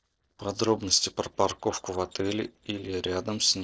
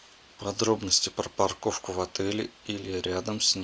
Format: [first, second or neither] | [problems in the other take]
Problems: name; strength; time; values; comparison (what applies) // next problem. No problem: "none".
second | noise reduction (neural separator model SepFormer DNS4)